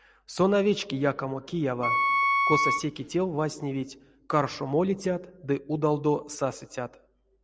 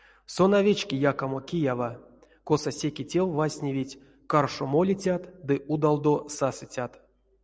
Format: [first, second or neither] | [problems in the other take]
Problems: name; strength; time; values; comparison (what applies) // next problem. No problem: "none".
second | background sound (Wind instrument, woodwind instrument); 2 dB above the speech